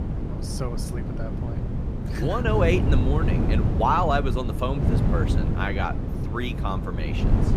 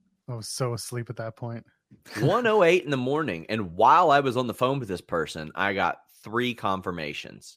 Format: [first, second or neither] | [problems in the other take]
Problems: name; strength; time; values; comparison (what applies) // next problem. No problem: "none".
second | wind noise on the microphone; heavy; 8 dB below the speech